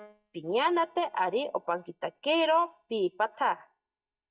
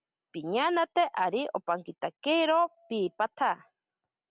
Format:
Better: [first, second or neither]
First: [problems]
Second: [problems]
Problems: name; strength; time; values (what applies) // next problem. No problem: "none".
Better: second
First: noise reduction (neural mask model DeepFilterNet 3)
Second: none